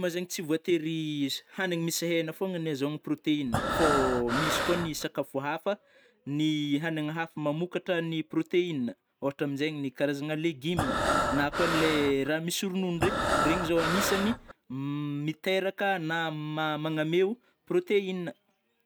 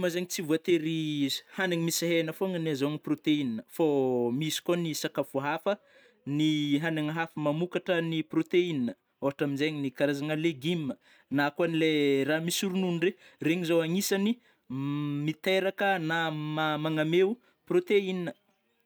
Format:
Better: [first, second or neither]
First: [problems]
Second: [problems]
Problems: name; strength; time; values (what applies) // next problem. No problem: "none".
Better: second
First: background sound (Breathing); 1 dB above the speech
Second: none